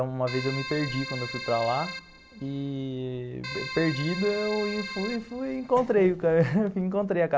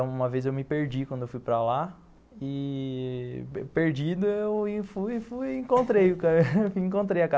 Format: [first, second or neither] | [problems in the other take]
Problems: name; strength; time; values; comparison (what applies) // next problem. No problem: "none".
second | background sound (Keyboard (musical)); 10 dB below the speech